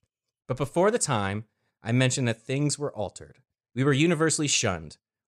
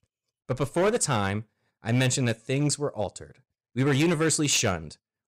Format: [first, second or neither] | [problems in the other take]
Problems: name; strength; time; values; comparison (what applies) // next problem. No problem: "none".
first | distortion; slight; 5% of the sound clipped